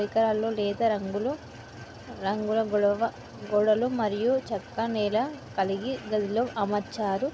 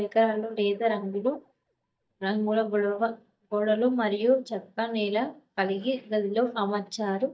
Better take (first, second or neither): first